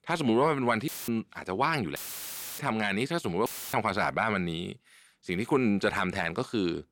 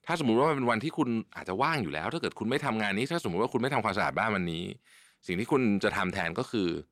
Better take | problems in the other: second | audio cutting out; filled with static; at 1 s, at 2 s for 0.5 s and at 3.5 s

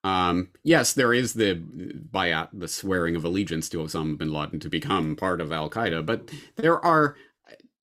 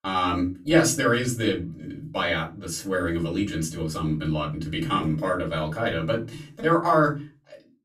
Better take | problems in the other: first | off-mic speech; far // room echo; very slight; dies away in 0.3 s

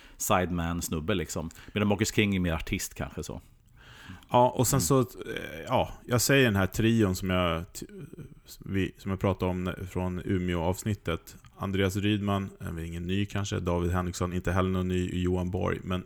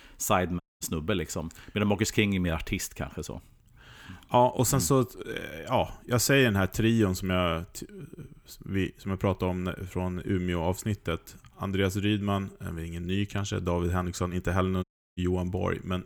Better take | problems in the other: first | audio cutting out; at 0.5 s and at 15 s

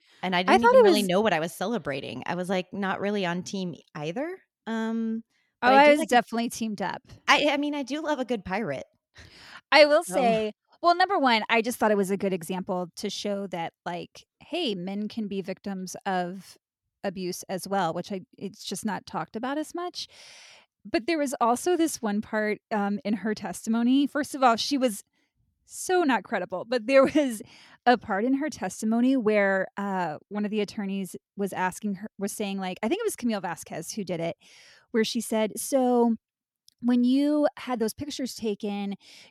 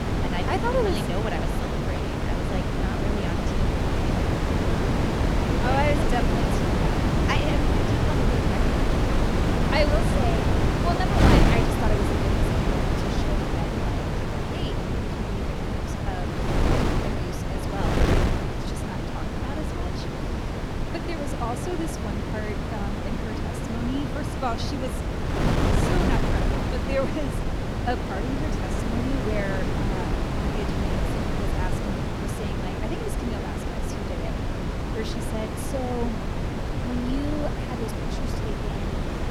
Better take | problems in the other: first | wind noise on the microphone; heavy; 3 dB above the speech

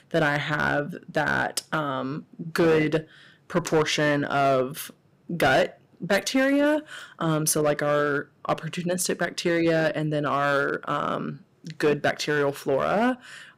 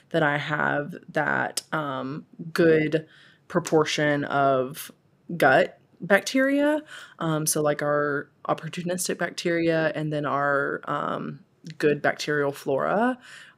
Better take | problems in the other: second | distortion; slight; 5% of the sound clipped

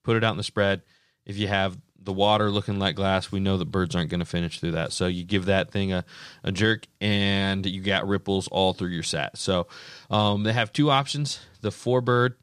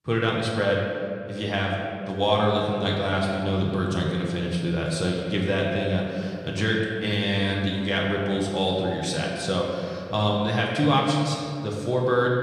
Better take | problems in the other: first | room echo; noticeable; dies away in 2 s // off-mic speech; somewhat distant

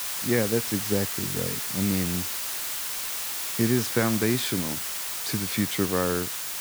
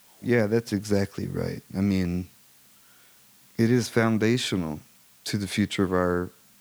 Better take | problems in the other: second | hiss; loud; throughout; 1 dB below the speech; faint in the second

